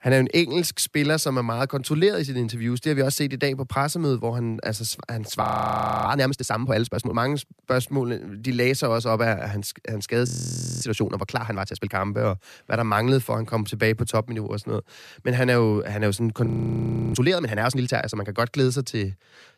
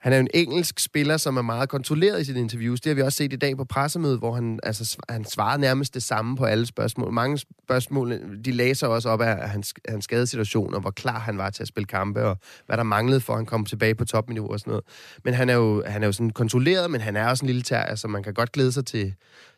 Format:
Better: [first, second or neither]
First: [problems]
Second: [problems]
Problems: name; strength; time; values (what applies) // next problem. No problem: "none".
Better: second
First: audio freezing; at 5.5 s for 0.5 s, at 10 s for 0.5 s and at 16 s for 0.5 s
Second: none